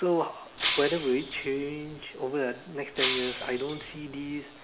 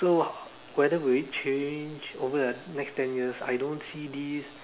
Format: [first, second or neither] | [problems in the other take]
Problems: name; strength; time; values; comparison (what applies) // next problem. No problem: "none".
second | background sound (Shatter); 4 dB below the speech